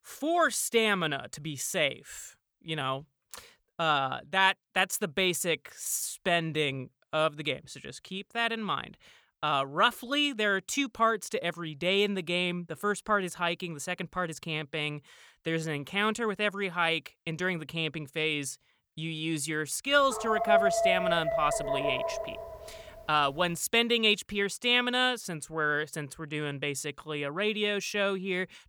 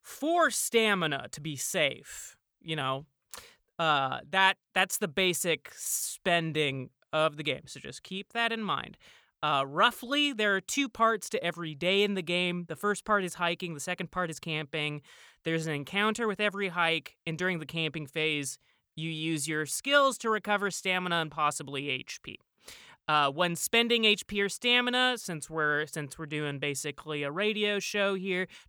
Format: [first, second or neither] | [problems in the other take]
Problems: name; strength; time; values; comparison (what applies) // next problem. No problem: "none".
second | dog barking; loud; from 20 to 22 s; peak 5 dB above the speech